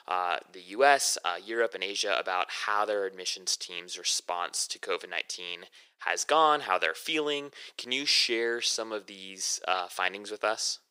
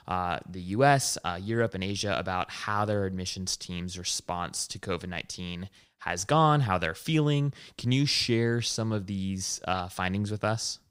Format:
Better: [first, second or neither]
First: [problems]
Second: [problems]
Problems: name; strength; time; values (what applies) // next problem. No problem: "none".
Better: second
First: thin; very; fading below 400 Hz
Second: none